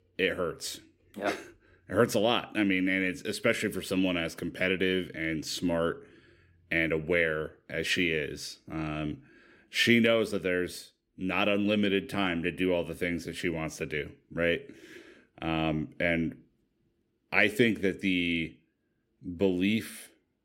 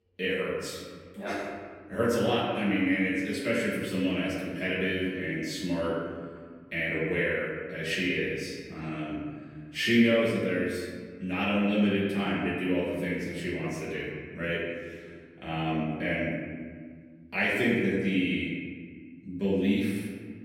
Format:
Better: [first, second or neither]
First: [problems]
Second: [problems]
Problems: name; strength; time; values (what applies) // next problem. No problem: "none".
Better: first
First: none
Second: off-mic speech; far // room echo; noticeable; dies away in 1.6 s